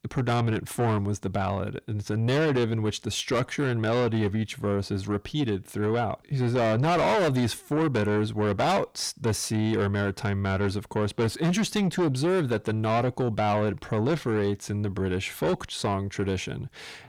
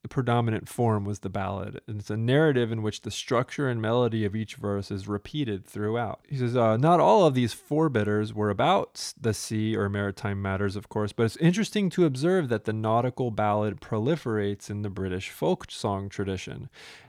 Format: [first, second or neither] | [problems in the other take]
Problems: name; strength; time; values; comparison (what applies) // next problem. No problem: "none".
second | distortion; heavy; 7 dB below the speech